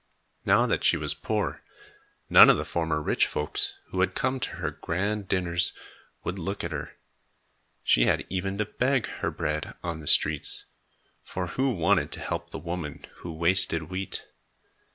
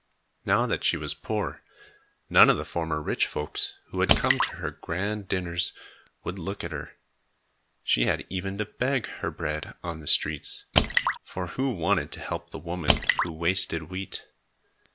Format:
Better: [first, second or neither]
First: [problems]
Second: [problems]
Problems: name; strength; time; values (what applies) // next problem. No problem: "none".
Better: first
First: none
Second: background sound (Drip / Splash, splatter); 1 dB below the speech